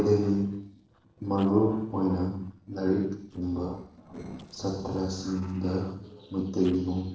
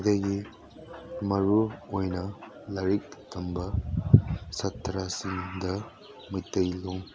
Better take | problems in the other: second | noise reduction (neural separator model SepFormer DNS4)

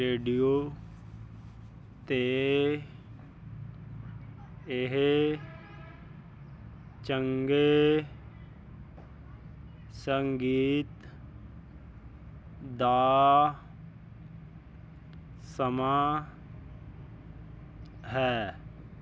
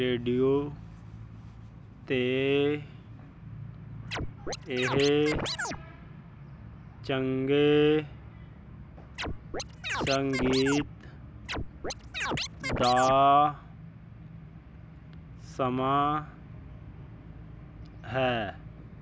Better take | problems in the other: first | background sound (Scratching (performance technique)); 4 dB below the speech

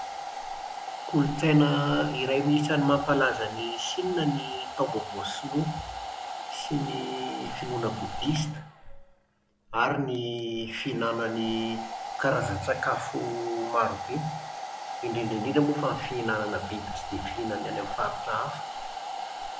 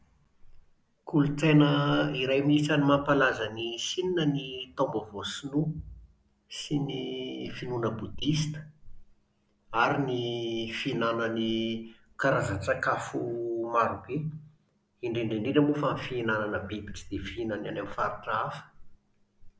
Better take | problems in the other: second | background sound (Domestic sounds, home sounds); 8 dB below the speech

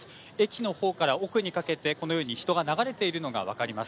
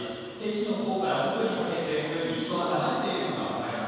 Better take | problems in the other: first | room echo; dies away in 2.1 s

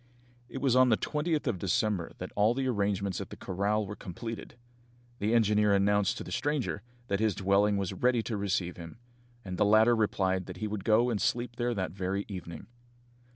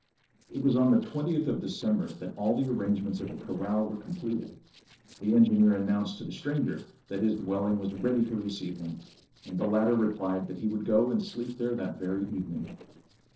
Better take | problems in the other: first | noise reduction (neural separator model SepFormer DNS4)

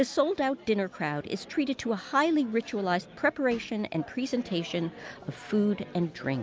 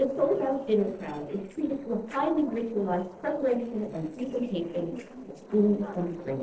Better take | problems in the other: first | noise reduction (neural separator model SepFormer DNS4)

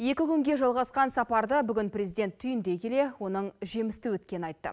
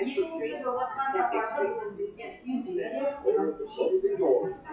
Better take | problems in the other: first | noise reduction (classical method WPE with log-MMSE)

